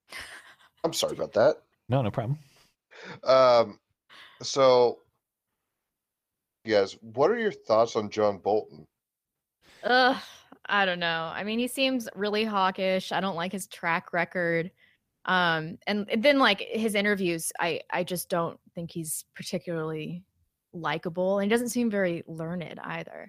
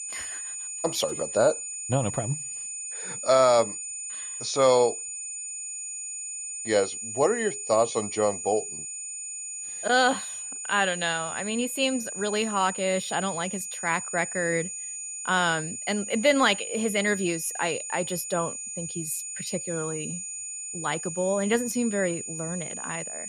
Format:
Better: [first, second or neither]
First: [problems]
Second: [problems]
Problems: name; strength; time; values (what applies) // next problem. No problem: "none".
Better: first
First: none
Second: high-pitched whine; loud; throughout; 7 kHz, 6 dB below the speech